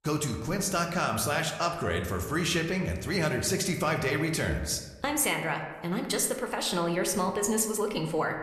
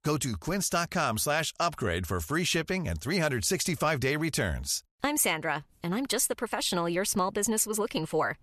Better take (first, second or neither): second